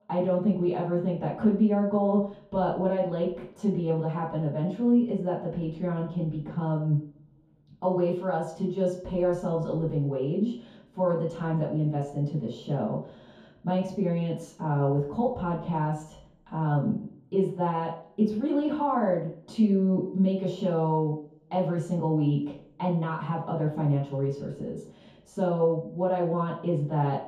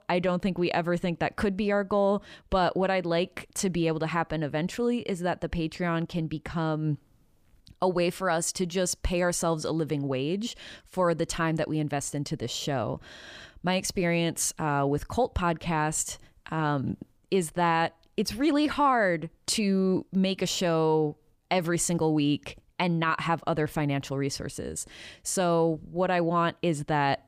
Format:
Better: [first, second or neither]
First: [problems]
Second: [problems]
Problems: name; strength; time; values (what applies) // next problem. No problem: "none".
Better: second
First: room echo; noticeable; dies away in 0.6 s // off-mic speech; far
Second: none